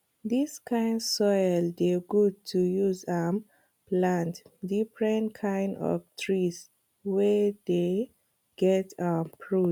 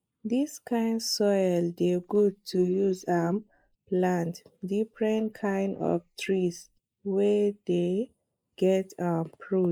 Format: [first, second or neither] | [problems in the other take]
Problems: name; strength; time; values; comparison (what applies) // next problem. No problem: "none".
first | noise reduction (neural mask model Resemble Enhance denoiser)